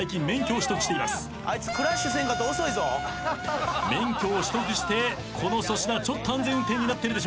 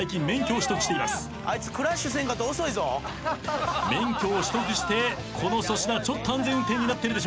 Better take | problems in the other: second | background sound (Wind instrument, woodwind instrument); 7 dB below the speech

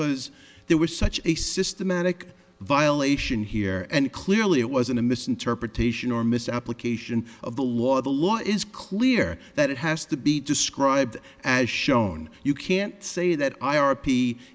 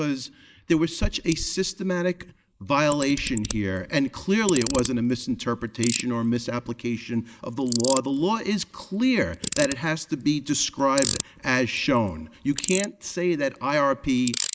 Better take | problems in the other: first | noise reduction (neural mask model Resemble Enhance denoiser)

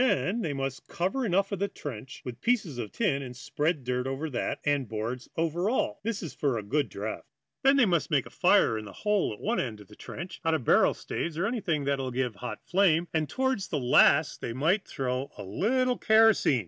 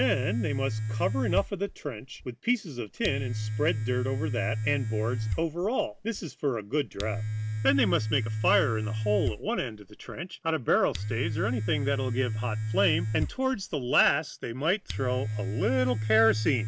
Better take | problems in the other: first | background sound (Domestic sounds, home sounds); 3 dB below the speech

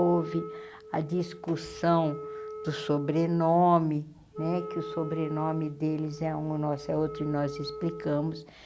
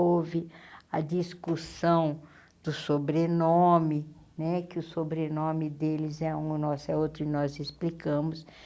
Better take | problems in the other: second | background sound (Wind instrument, woodwind instrument); 12 dB below the speech

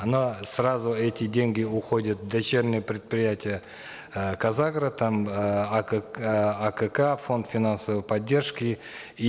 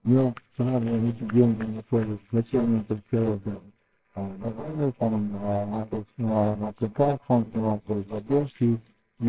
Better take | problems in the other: first | noise reduction (neural separator model SepFormer WHAMR!)

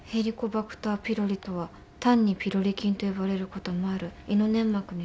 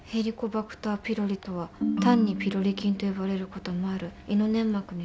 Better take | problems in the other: first | background sound (Ringtone); 5 dB below the speech

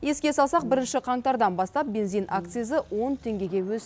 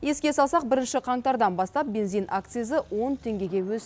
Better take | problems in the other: second | background sound (Brass instrument); 17 dB below the speech

